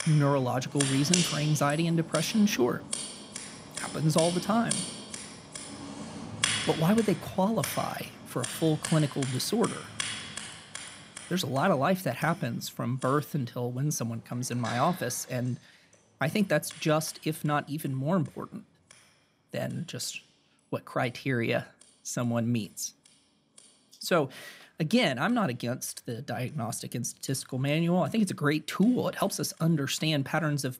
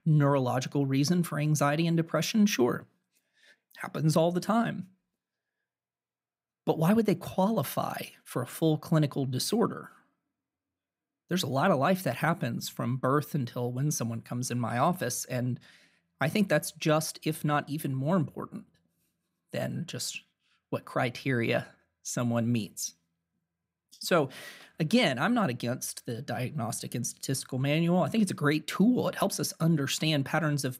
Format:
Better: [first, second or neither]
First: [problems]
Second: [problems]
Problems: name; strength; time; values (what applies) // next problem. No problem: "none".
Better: second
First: household noises; loud; throughout; 6 dB below the speech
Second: none